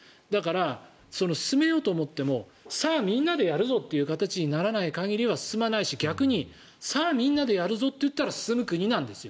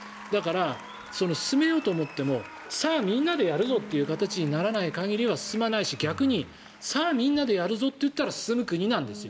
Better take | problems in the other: first | background sound (Bass guitar + Applause); 17 dB below the speech

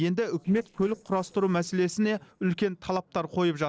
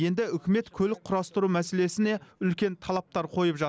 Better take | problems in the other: second | noise reduction (neural separator model SepFormer DNS4)

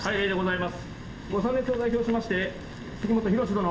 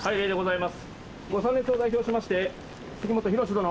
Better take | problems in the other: second | room echo; dies away in 2.4 s

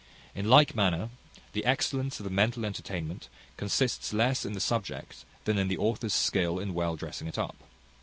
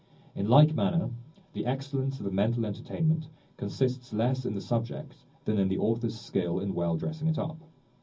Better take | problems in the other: first | room echo; dies away in 0.4 s

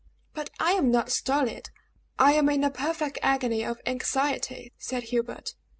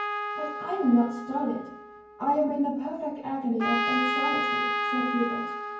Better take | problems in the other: first | background sound (Trumpet); 3 dB below the speech // room echo; dies away in 0.9 s

